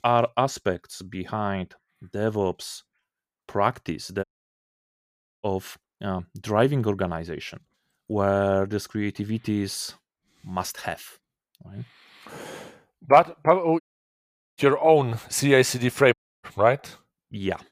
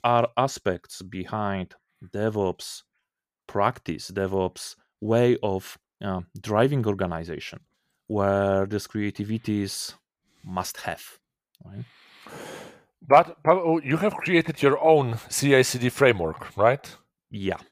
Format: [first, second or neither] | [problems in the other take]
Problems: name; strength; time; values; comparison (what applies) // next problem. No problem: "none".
second | audio cutting out; at 4 s for 1 s, at 14 s for 1 s and at 16 s